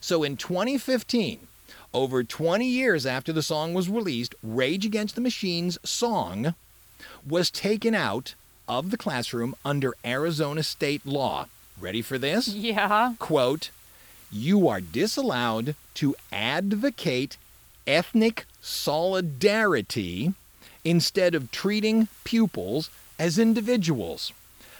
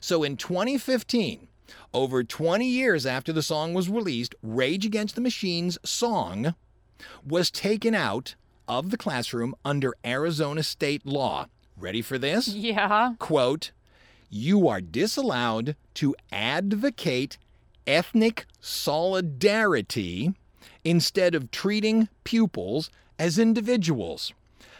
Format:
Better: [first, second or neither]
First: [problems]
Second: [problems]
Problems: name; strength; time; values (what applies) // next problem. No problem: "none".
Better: second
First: hiss; faint; throughout; 25 dB below the speech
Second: none